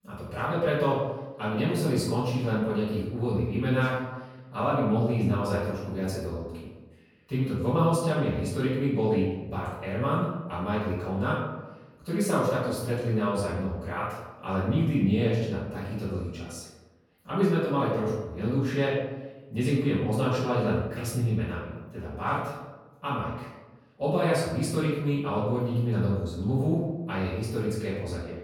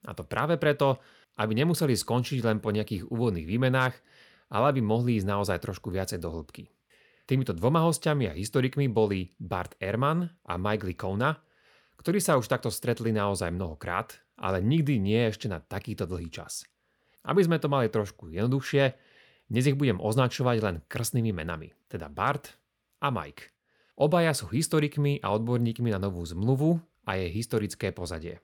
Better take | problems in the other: second | room echo; noticeable; dies away in 1 s // off-mic speech; far

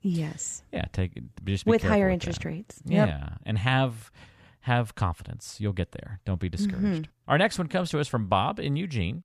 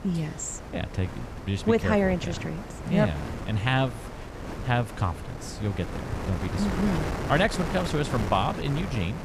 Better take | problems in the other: first | wind noise on the microphone; heavy; 8 dB below the speech

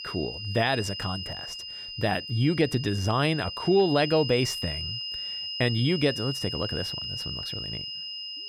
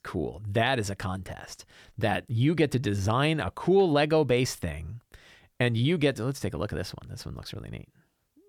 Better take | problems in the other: second | high-pitched whine; loud; throughout; 3 kHz, 6 dB below the speech

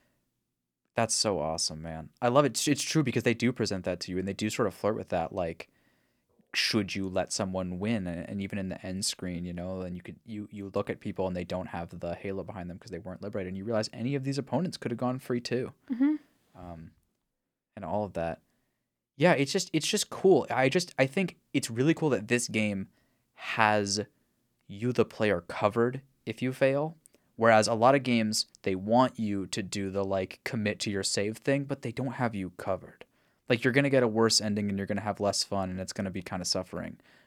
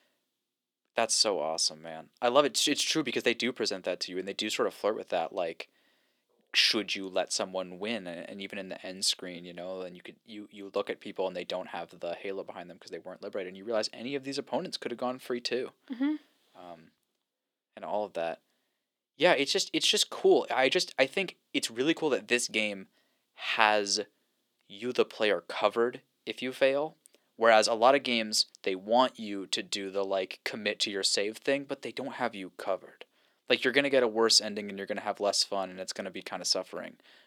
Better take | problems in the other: first | thin; very slightly; fading below 400 Hz

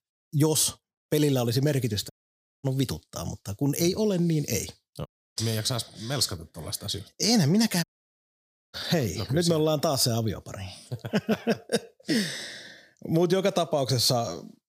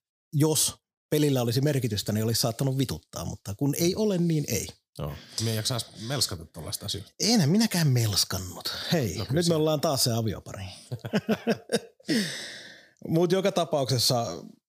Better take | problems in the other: second | audio cutting out; at 2 s for 0.5 s, at 5 s and at 8 s for 1 s

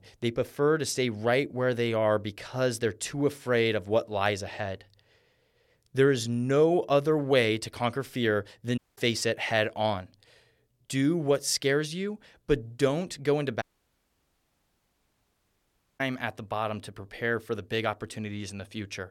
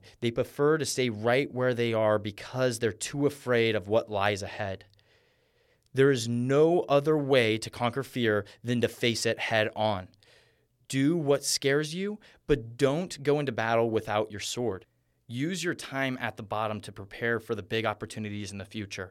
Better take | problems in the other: second | audio cutting out; at 9 s and at 14 s for 2.5 s

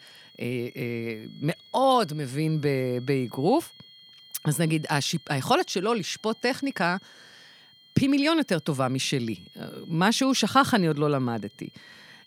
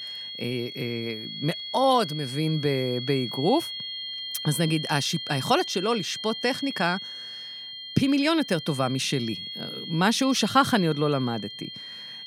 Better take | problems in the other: first | high-pitched whine; loud; throughout; 3 kHz, 8 dB below the speech; faint in the first

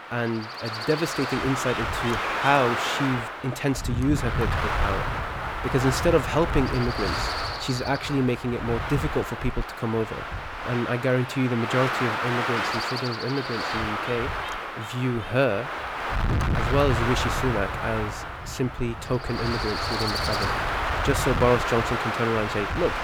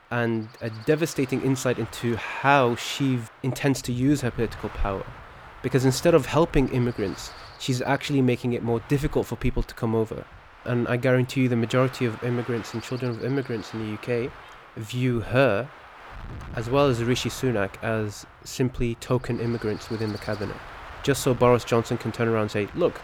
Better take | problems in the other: second | wind noise on the microphone; heavy; 1 dB above the speech; occasional gusts in the second

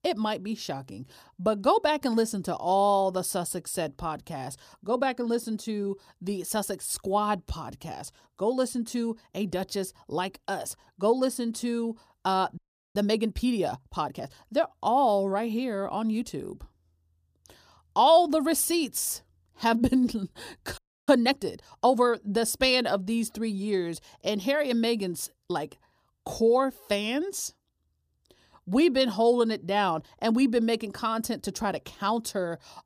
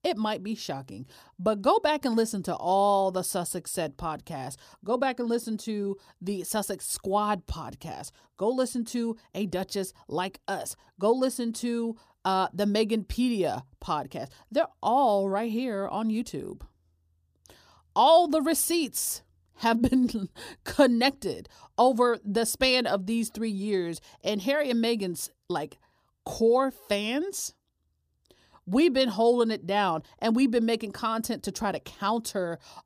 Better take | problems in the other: second | audio freezing; at 13 s and at 21 s

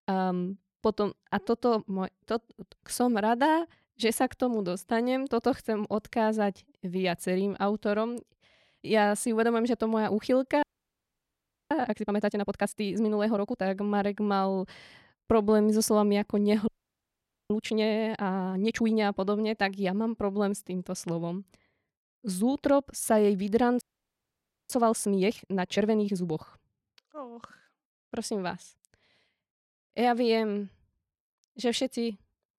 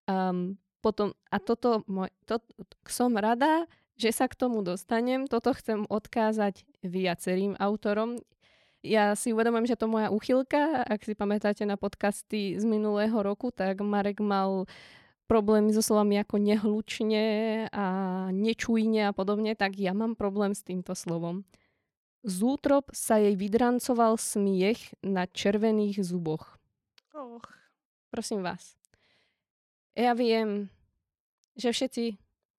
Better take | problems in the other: second | audio freezing; at 11 s for 1 s, at 17 s for 1 s and at 24 s for 1 s

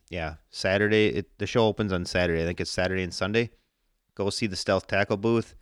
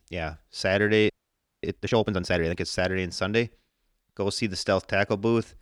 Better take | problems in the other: first | audio freezing; at 1 s for 0.5 s

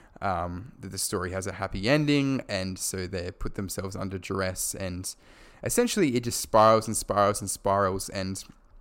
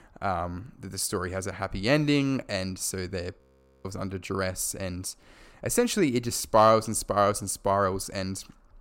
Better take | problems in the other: first | audio freezing; at 3.5 s

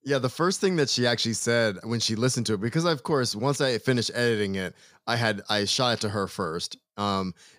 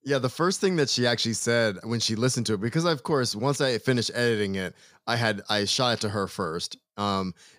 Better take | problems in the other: neither | none

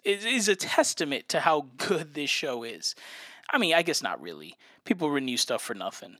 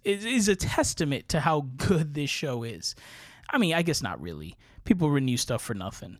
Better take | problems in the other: second | thin; somewhat; fading below 250 Hz

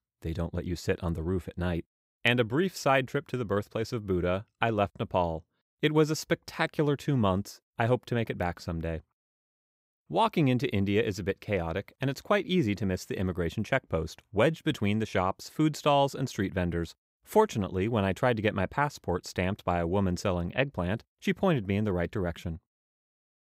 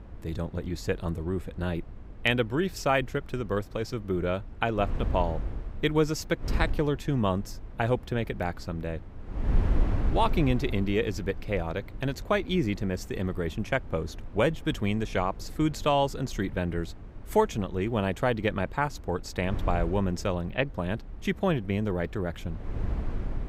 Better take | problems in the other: first | wind noise on the microphone; occasional gusts; 20 dB below the speech

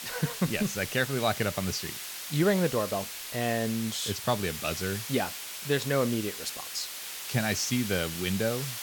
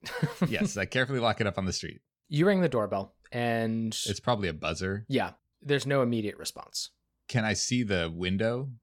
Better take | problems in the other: second | hiss; loud; throughout; 6 dB below the speech

